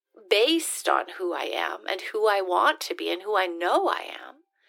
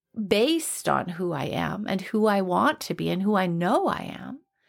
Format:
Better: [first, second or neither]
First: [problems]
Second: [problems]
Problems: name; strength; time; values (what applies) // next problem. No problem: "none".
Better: second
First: thin; very; fading below 350 Hz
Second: none